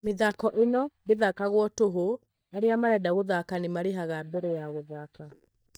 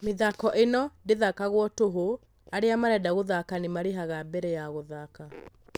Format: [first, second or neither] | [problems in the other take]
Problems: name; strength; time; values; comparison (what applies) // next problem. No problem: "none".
second | noise reduction (neural mask model DeepFilterNet 3)